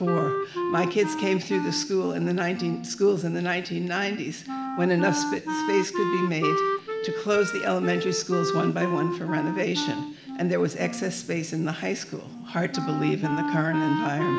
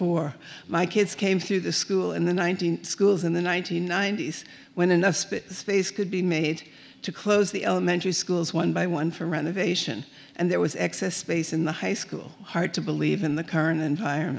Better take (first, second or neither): second